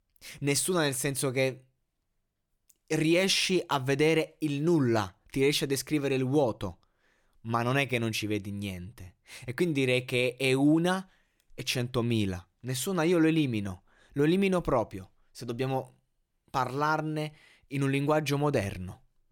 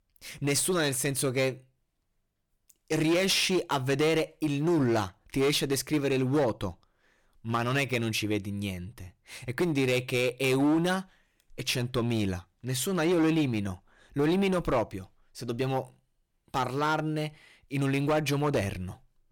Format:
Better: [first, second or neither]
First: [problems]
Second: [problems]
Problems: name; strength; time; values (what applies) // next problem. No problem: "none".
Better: first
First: none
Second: distortion; slight; 8% of the sound clipped